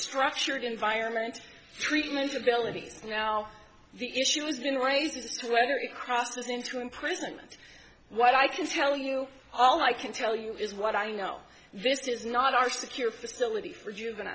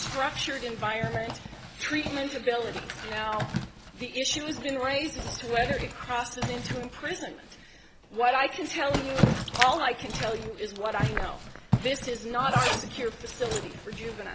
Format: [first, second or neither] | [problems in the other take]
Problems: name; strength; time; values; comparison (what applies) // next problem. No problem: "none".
first | background sound (Zipper (clothing) + Splash, splatter); 3 dB below the speech